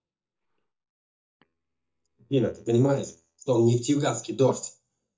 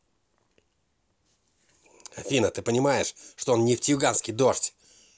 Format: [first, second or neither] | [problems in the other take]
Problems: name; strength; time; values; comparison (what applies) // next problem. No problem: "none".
second | noise reduction (neural mask model DeepFilterNet 3)